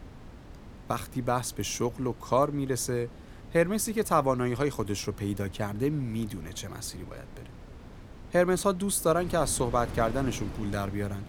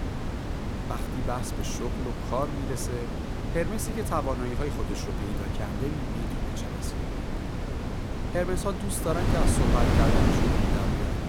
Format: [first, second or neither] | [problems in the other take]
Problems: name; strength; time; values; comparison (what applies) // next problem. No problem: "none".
first | wind noise on the microphone; heavy; 1 dB below the speech; occasional gusts in the first